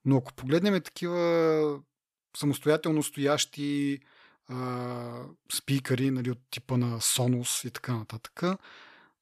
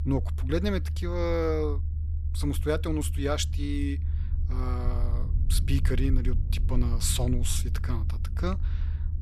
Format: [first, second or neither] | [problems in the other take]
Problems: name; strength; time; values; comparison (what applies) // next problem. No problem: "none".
first | low rumble; noticeable; throughout; 15 dB below the speech